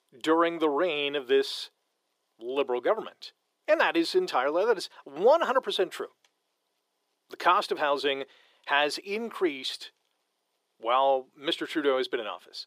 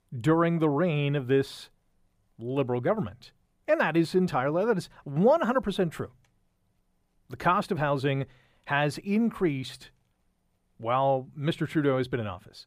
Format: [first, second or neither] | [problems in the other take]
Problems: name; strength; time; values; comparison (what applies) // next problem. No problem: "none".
second | thin; very; fading below 350 Hz